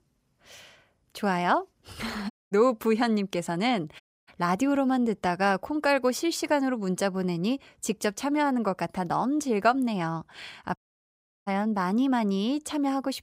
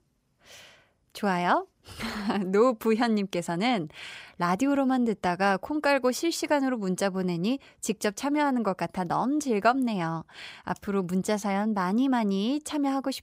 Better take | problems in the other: second | audio cutting out; at 2.5 s, at 4 s and at 11 s for 0.5 s

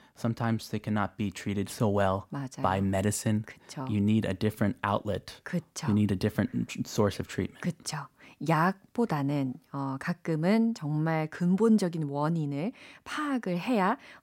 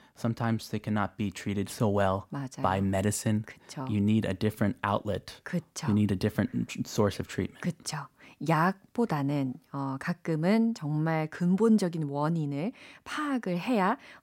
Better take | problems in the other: neither | none

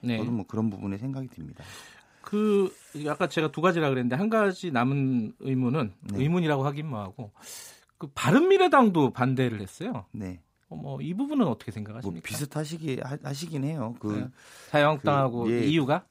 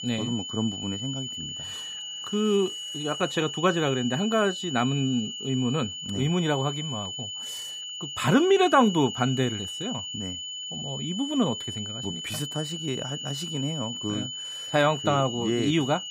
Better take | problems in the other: first | high-pitched whine; loud; throughout; 3 kHz, 6 dB below the speech

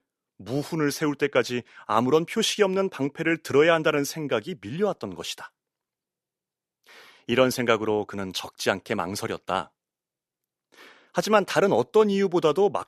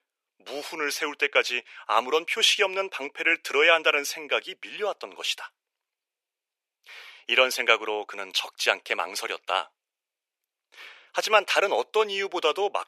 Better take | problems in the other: first | thin; very; fading below 500 Hz

